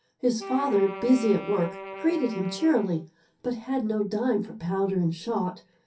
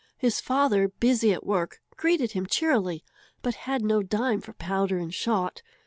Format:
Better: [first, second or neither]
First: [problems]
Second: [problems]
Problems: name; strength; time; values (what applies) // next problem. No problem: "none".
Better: second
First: background sound (Wind instrument, woodwind instrument); 13 dB below the speech // room echo; dies away in 0.3 s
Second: none